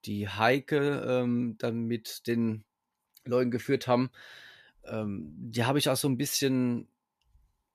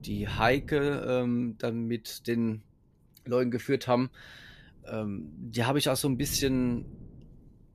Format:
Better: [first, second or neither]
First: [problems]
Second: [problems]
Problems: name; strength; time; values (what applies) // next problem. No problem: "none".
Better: first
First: none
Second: wind noise on the microphone; occasional gusts; 25 dB below the speech